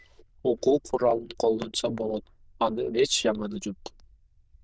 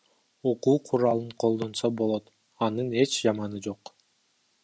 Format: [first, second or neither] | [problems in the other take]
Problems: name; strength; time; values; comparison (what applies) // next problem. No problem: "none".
second | noise reduction (neural diffusion model UNIVERSE++)